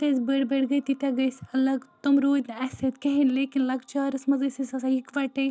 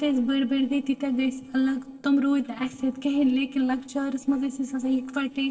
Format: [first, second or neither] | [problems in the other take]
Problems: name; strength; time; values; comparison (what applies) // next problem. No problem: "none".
first | noise reduction (neural separator model SepFormer DNS4)